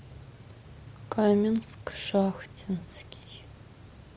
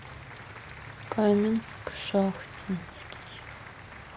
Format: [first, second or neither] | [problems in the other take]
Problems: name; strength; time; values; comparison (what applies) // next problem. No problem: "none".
first | background sound (Applause); 15 dB below the speech